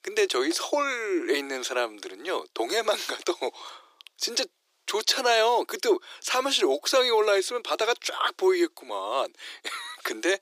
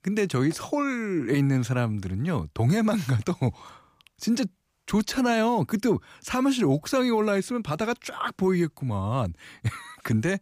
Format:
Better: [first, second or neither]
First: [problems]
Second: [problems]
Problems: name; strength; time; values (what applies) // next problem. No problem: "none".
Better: second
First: thin; very; fading below 350 Hz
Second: none